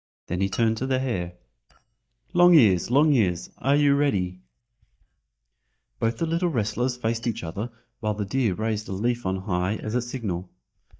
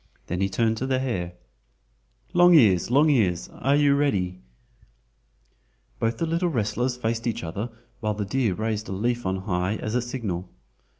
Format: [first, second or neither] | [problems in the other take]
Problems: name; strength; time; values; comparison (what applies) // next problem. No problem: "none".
second | noise reduction (neural mask model DeepFilterNet 3)